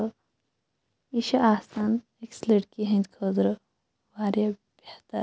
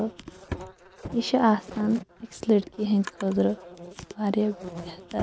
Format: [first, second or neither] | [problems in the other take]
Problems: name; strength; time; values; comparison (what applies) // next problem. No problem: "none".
first | background sound (Insect + Drawer open or close); 14 dB below the speech